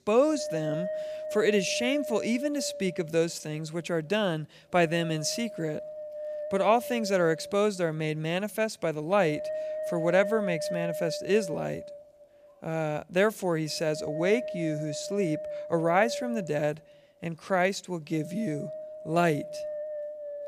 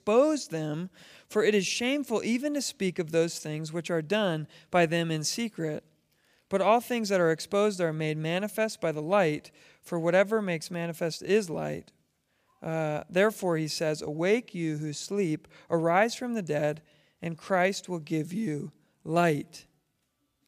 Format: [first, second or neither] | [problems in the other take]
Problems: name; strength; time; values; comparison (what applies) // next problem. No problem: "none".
second | wind noise on the microphone; heavy; 7 dB below the speech